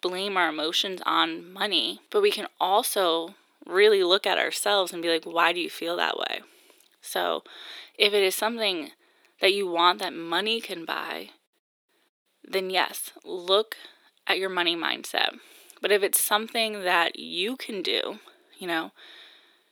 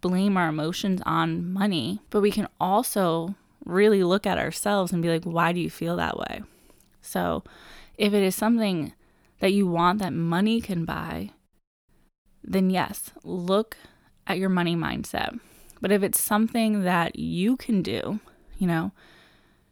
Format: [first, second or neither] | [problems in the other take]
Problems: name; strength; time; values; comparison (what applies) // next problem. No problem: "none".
second | thin; very; fading below 350 Hz